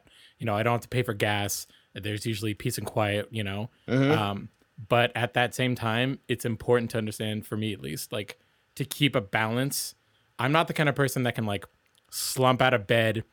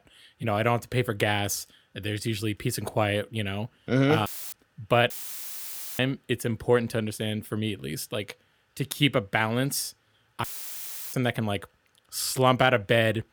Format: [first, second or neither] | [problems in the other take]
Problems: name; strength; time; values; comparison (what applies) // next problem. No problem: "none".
first | audio cutting out; filled with static; at 4.5 s, at 5 s for 1 s and at 10 s for 0.5 s